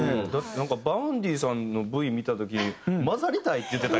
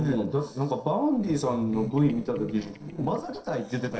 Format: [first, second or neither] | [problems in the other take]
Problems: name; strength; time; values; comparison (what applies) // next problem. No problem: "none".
first | noise reduction (neural separator model SepFormer DNS4)